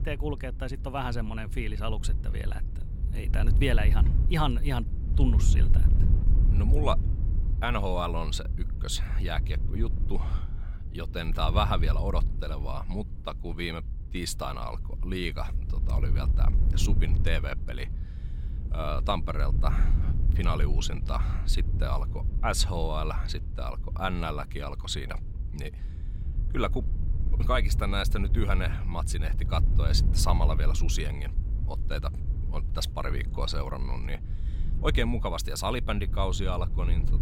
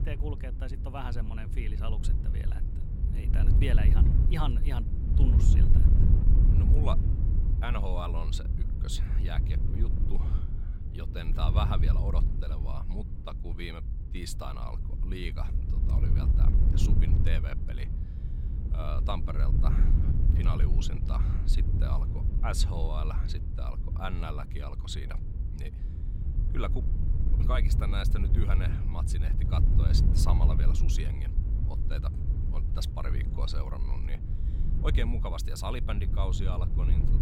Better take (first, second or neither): first